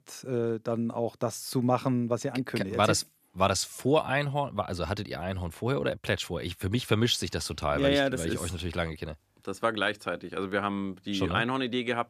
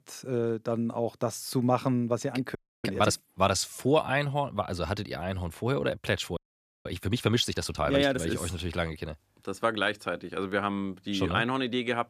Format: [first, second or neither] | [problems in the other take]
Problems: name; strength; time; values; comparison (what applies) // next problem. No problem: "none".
first | audio freezing; at 2.5 s and at 6.5 s